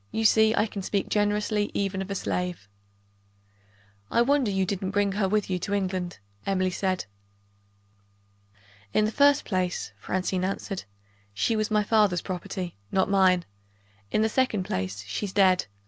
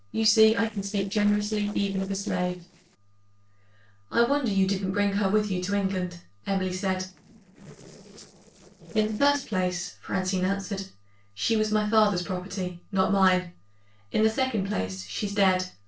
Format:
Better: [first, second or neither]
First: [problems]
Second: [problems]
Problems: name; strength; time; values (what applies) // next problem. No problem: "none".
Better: first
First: none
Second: noise reduction (neural separator model SepFormer DNS4)